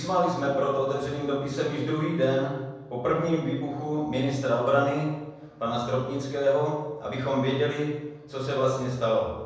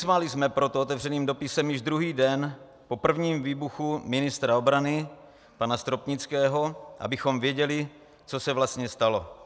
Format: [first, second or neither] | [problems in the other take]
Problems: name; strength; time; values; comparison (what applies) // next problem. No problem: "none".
second | room echo; dies away in 1.1 s